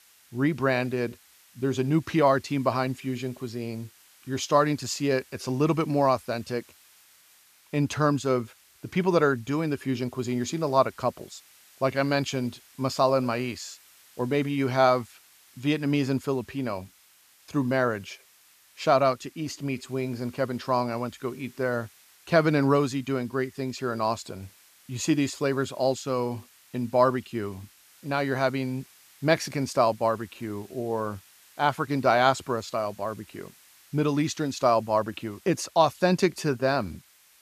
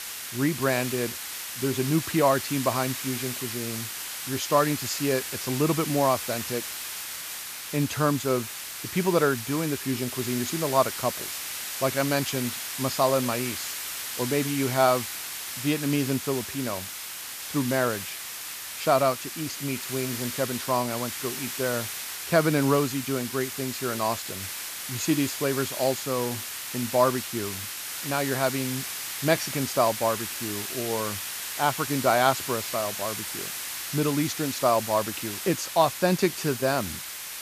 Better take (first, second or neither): first